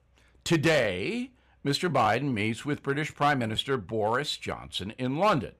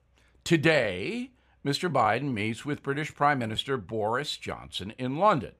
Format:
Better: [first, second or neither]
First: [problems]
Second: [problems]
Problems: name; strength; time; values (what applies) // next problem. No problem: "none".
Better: second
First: distortion; slight; 3% of the sound clipped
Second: none